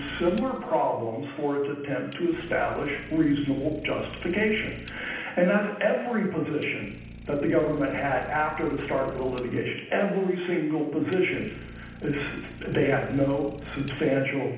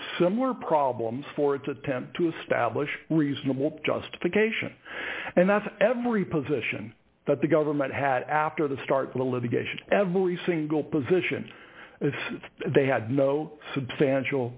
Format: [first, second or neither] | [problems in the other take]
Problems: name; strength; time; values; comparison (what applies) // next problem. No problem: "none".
second | background sound (Idling); 17 dB below the speech // room echo; dies away in 0.9 s